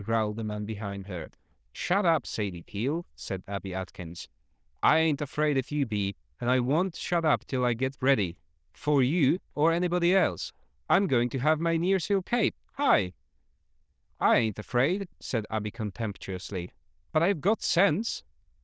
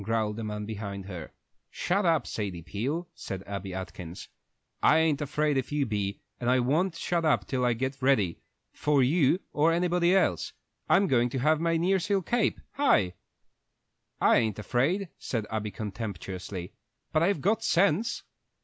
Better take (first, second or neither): second